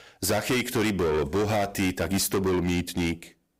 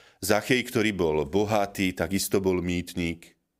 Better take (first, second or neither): second